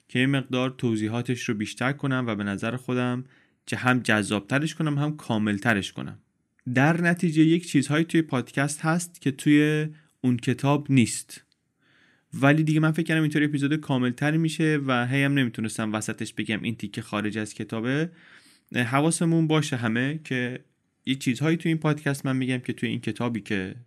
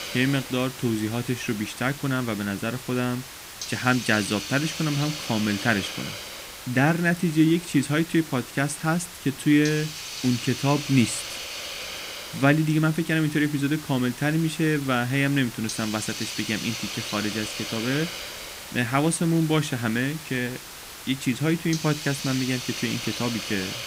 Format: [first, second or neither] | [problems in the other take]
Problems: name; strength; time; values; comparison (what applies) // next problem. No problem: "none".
first | hiss; loud; throughout; 9 dB below the speech